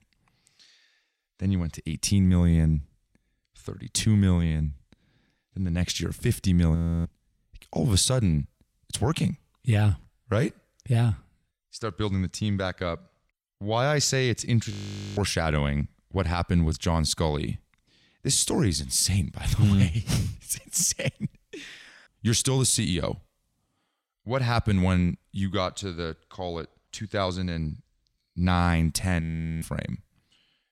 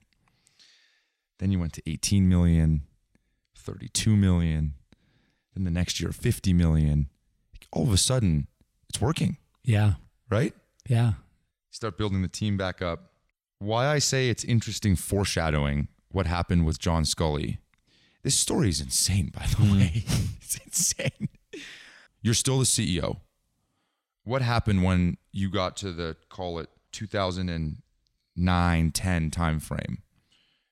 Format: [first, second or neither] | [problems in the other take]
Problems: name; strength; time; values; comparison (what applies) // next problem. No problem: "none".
second | audio freezing; at 7 s, at 15 s and at 29 s